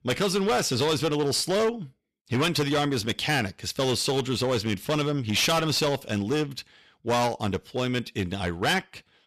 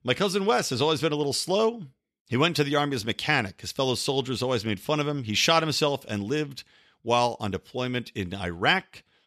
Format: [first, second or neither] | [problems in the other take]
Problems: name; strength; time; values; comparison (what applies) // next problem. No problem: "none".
second | distortion; heavy; 12% of the sound clipped